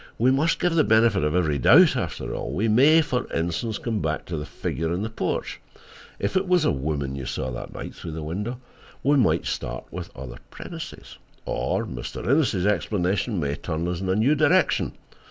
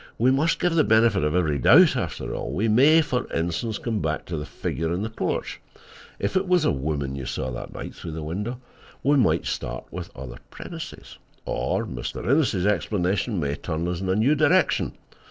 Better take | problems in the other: first | noise reduction (neural separator model SepFormer DNS4)

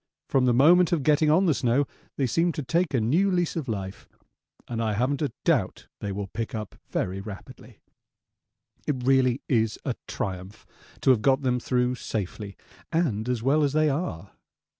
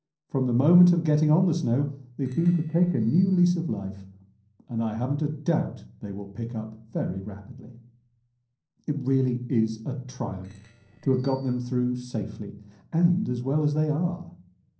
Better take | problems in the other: first | noise reduction (neural separator model SepFormer DNS4)

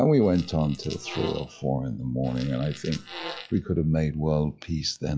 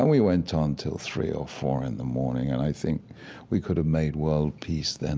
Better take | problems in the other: second | noise reduction (classical method log-MMSE)

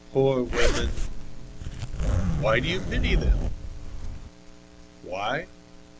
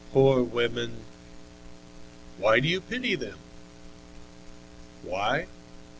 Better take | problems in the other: second | background sound (Zipper (clothing)); 5 dB above the speech

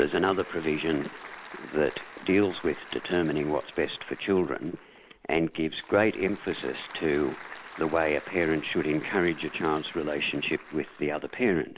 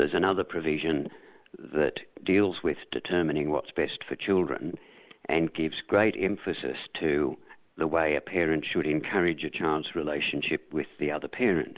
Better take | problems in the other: second | background sound (Applause / Crowd); 17 dB below the speech

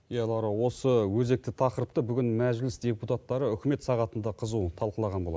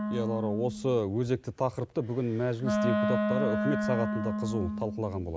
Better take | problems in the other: first | background sound (Wind instrument, woodwind instrument); 1 dB below the speech

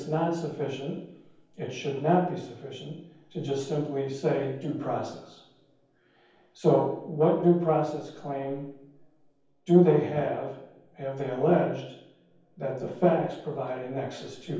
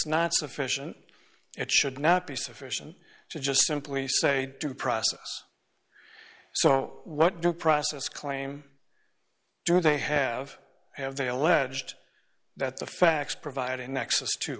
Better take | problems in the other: second | room echo; dies away in 0.9 s

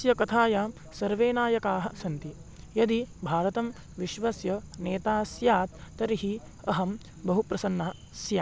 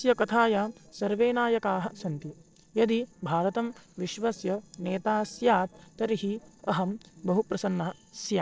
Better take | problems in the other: first | noise reduction (neural separator model SepFormer DNS4)

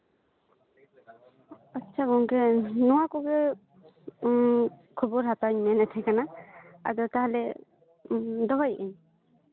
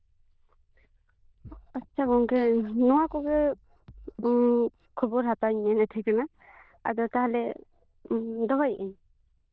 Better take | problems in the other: first | noise reduction (neural diffusion model UNIVERSE++)

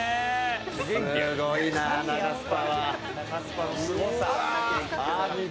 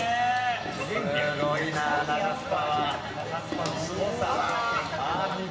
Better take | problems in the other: first | background sound (Bathtub (filling or washing) / Water / Splash, splatter); 14 dB below the speech // room echo; dies away in 2.5 s

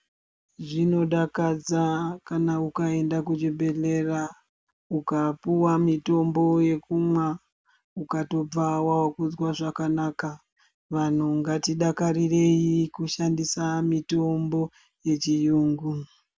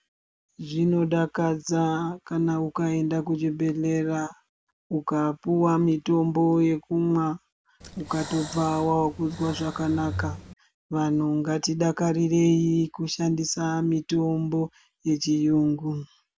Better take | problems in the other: first | background sound (Breathing); 12 dB below the speech

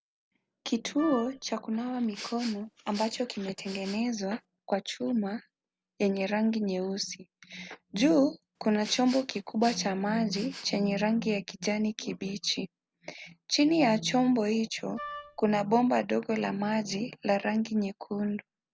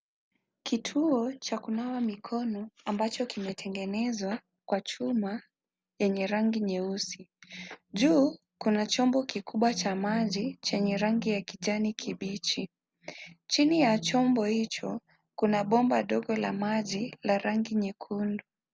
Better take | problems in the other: second | background sound (Wind instrument, woodwind instrument + Respiratory sounds); 16 dB below the speech

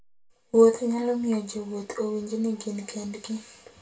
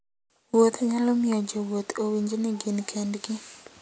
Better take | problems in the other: second | room echo; dies away in 0.2 s

